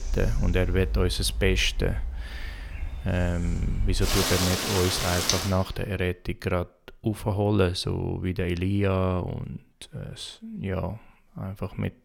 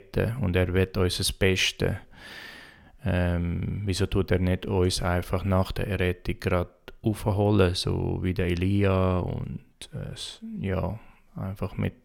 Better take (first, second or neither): second